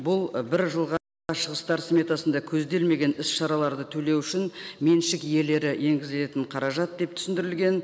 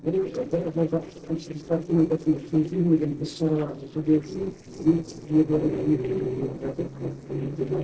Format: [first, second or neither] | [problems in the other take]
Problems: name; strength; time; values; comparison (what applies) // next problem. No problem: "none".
first | noise reduction (neural separator model SepFormer DNS4)